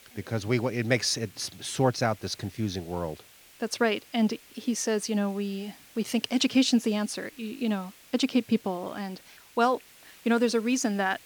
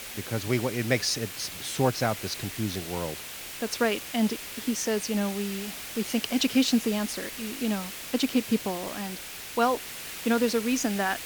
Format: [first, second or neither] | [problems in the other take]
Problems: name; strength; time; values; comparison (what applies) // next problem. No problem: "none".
first | hiss; loud; throughout; 8 dB below the speech; faint in the first